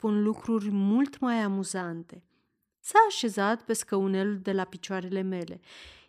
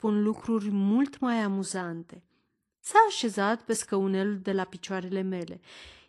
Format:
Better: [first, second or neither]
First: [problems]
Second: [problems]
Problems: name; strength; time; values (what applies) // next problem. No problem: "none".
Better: first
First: none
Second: garbled, watery; slightly